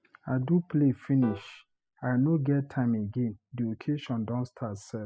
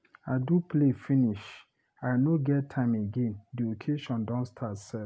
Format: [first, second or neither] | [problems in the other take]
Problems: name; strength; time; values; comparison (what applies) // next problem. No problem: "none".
second | noise reduction (classical method spectral subtraction)